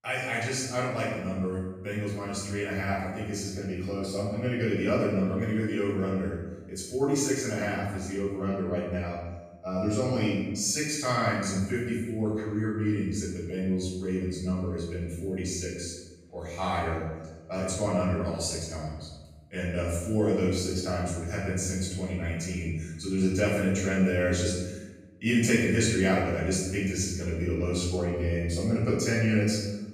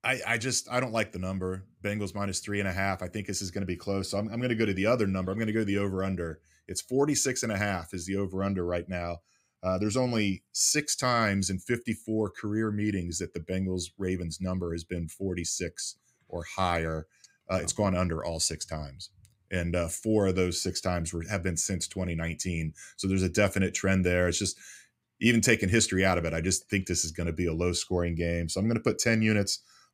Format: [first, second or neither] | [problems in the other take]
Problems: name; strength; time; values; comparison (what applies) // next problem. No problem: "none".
second | off-mic speech; far // room echo; strong; dies away in 1 s